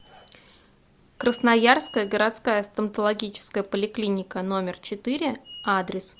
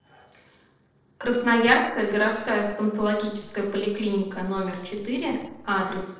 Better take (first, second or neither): first